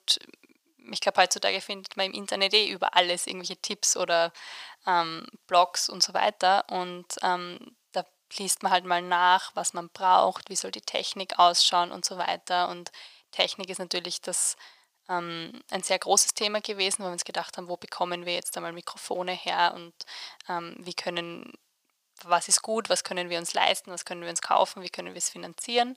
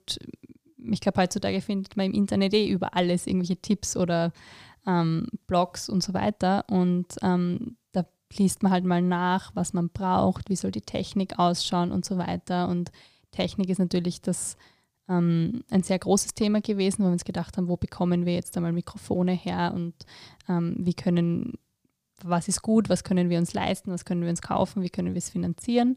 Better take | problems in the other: second | thin; very; fading below 850 Hz

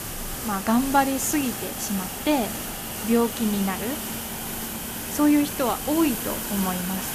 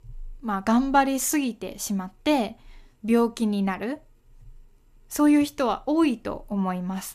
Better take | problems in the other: second | hiss; loud; throughout; 5 dB below the speech

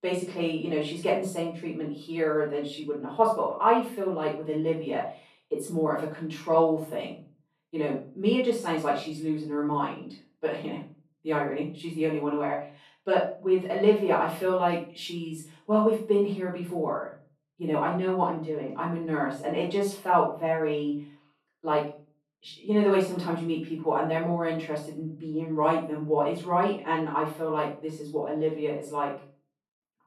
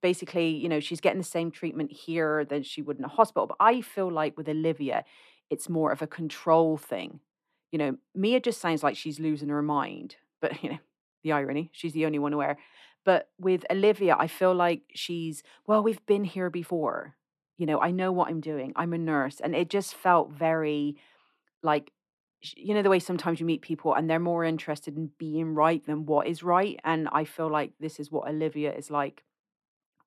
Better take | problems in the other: second | room echo; noticeable; dies away in 0.3 s // off-mic speech; far

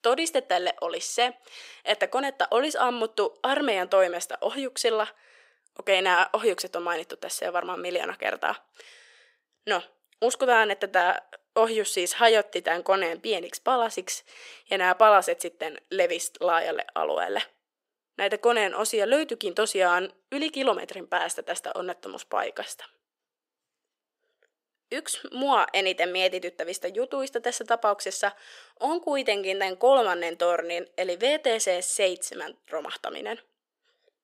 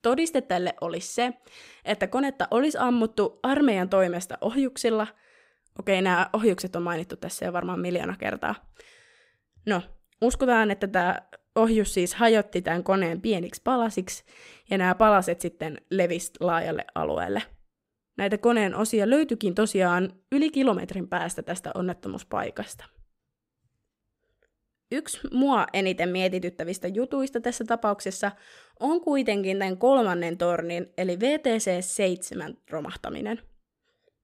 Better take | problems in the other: second | thin; somewhat; fading below 450 Hz

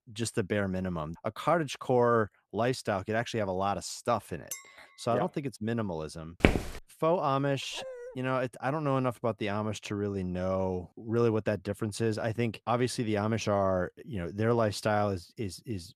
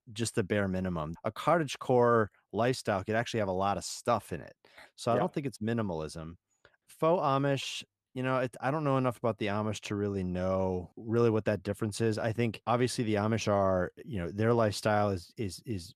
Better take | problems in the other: second | clattering dishes; faint; at 4.5 s; peak 10 dB below the speech // footsteps; loud; at 6.5 s; peak 4 dB above the speech // dog barking; faint; at 7.5 s; peak 10 dB below the speech

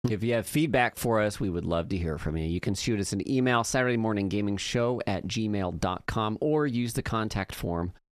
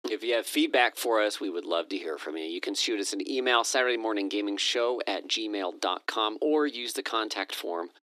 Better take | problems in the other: first | thin; somewhat; fading below 300 Hz

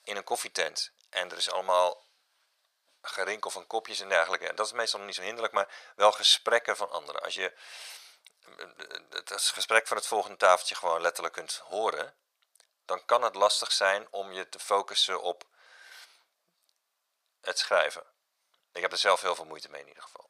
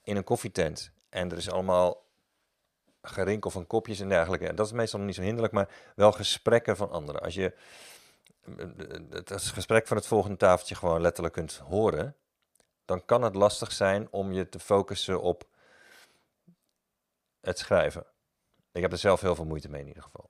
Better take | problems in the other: second | thin; very; fading below 950 Hz

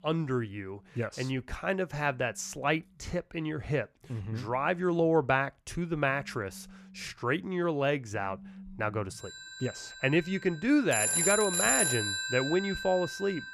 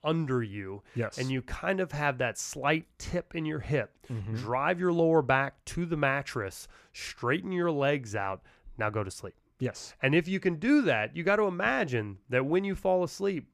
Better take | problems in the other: second | alarms or sirens; very loud; throughout; 1 dB above the speech

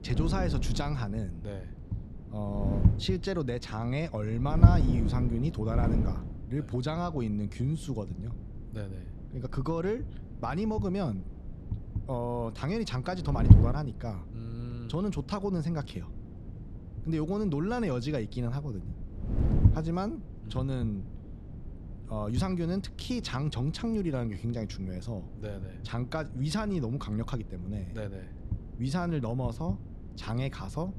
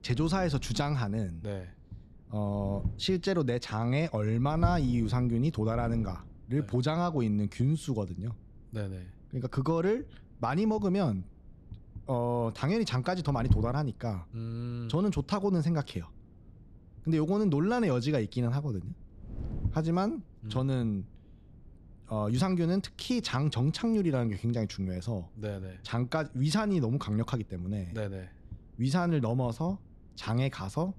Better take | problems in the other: second | wind noise on the microphone; heavy; 8 dB below the speech; occasional gusts in the second

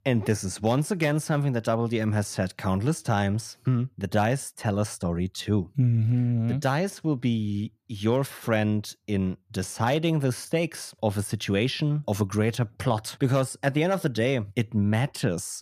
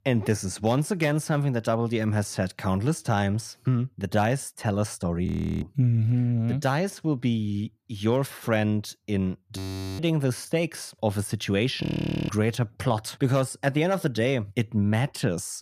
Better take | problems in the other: first | audio freezing; at 5.5 s, at 9.5 s and at 12 s

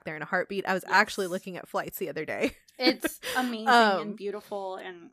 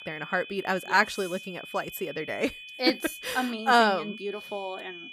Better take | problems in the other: first | high-pitched whine; noticeable; throughout; 2.5 kHz, 15 dB below the speech

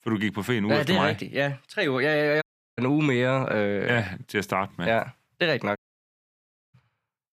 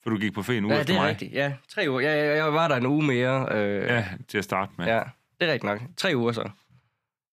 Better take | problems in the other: second | audio cutting out; at 2.5 s and at 6 s for 1 s

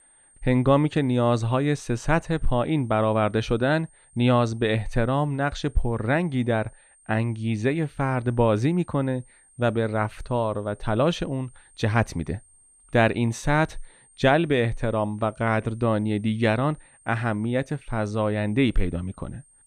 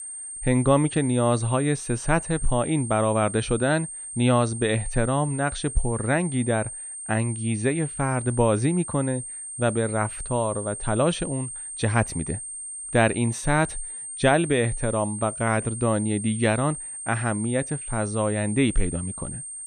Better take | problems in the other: first | high-pitched whine; loud; throughout; 8.5 kHz, 8 dB below the speech; faint in the first

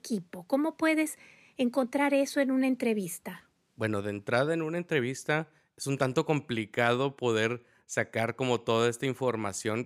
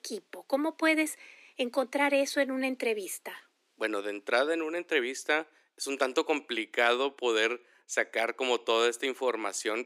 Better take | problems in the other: first | thin; somewhat; fading below 300 Hz

